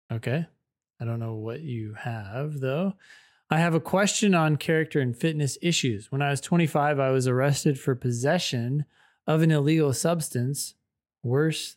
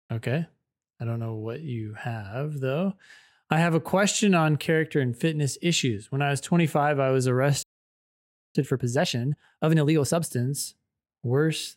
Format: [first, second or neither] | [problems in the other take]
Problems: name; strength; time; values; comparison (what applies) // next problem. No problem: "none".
first | audio freezing; at 7.5 s for 1 s